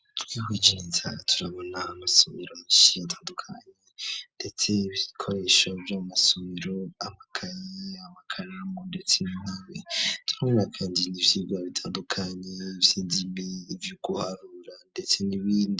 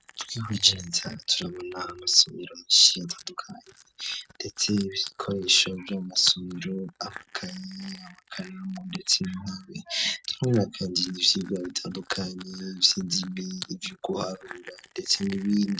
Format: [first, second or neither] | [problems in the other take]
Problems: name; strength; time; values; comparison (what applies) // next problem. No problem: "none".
first | noise reduction (neural mask model RNNoise)